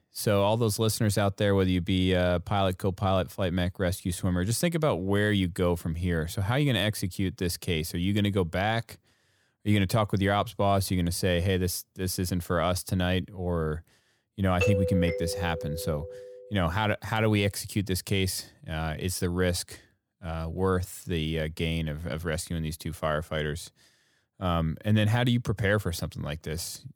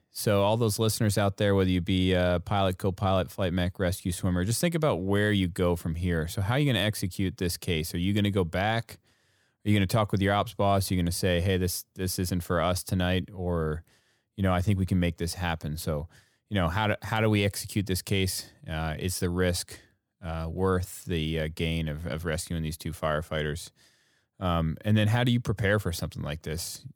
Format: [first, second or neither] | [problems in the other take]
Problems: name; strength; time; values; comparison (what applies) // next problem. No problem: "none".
second | doorbell; loud; from 15 to 16 s; peak level with the speech